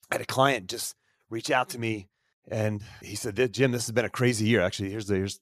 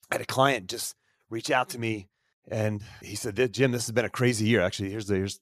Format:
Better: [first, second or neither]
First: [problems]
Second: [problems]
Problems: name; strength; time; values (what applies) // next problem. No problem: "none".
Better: neither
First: none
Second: none